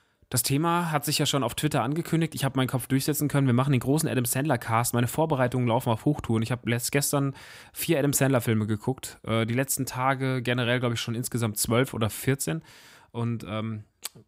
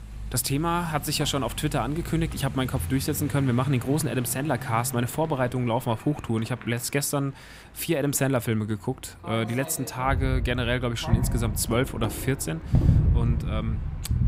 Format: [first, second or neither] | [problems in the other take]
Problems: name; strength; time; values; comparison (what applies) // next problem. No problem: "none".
first | traffic noise; loud; throughout; 4 dB below the speech